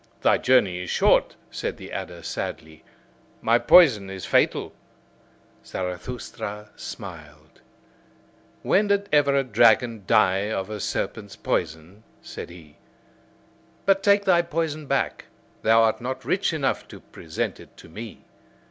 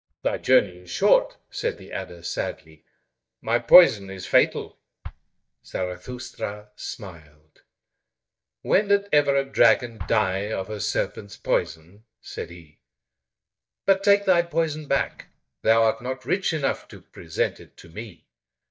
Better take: first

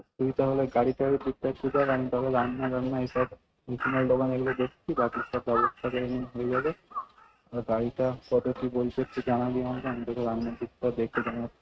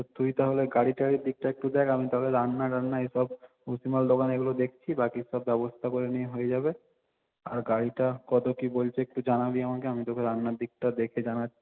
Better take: second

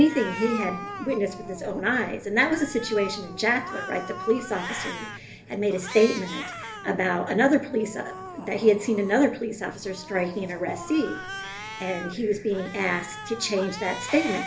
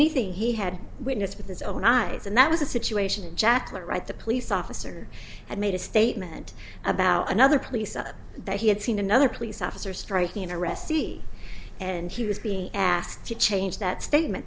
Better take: second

